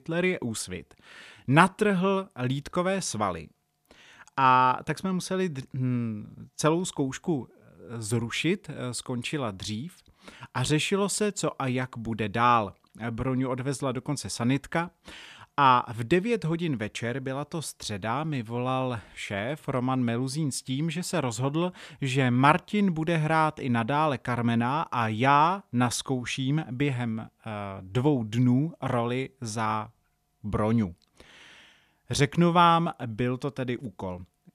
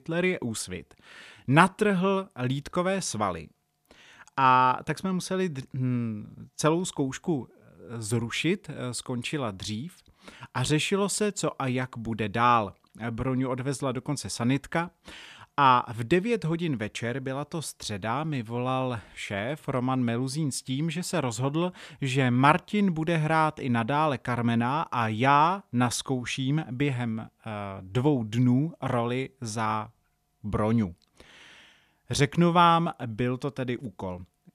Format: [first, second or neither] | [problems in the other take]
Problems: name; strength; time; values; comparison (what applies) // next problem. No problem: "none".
neither | none